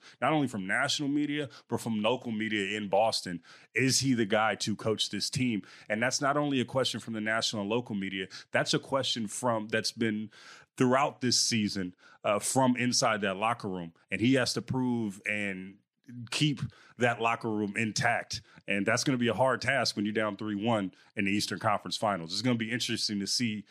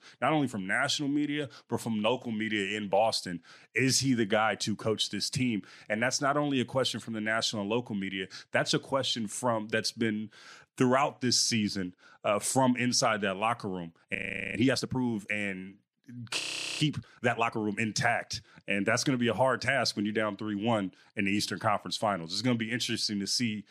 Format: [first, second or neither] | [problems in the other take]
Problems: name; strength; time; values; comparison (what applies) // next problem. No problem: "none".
first | audio freezing; at 14 s and at 16 s